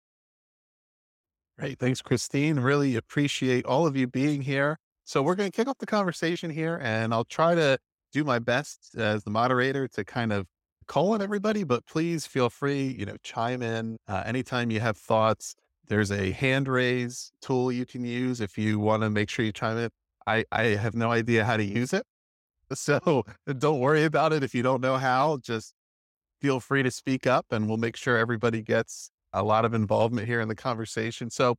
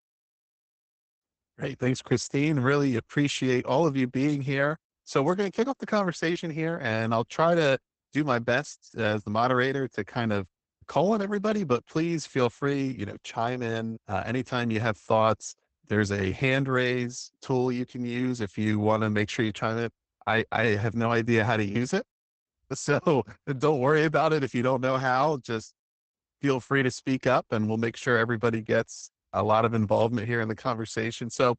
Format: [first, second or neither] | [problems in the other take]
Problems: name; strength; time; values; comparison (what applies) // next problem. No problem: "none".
first | garbled, watery; badly; nothing above 8 kHz